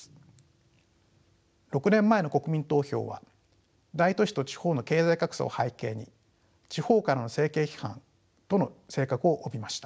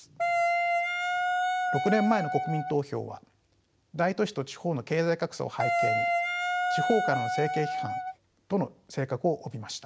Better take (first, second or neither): first